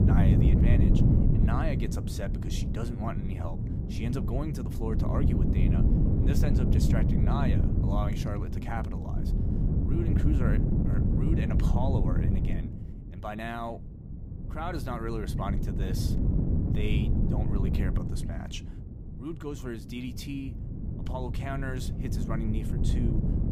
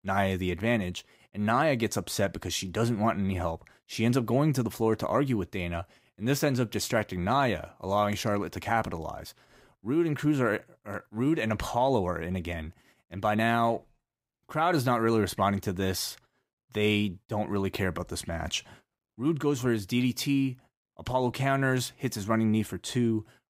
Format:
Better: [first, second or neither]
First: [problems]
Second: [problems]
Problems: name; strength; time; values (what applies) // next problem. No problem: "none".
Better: second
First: wind noise on the microphone; heavy; 1 dB above the speech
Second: none